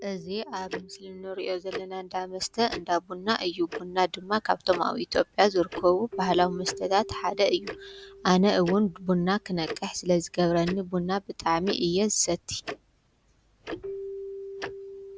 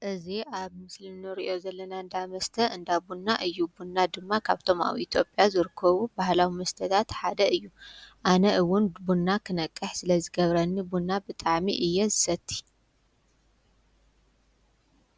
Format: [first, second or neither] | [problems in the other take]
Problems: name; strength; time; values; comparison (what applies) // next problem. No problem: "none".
second | background sound (Tick-tock + Keyboard (musical)); 14 dB below the speech